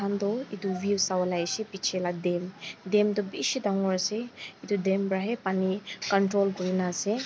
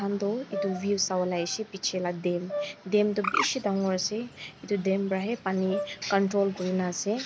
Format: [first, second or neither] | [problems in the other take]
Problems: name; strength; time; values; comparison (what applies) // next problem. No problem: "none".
first | background sound (Brass instrument + Bird); 9 dB below the speech